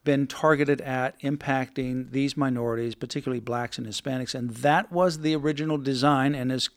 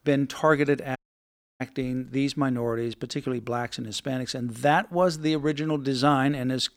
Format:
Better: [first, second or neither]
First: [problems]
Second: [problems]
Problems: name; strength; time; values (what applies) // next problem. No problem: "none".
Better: first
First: none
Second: audio cutting out; at 1 s for 0.5 s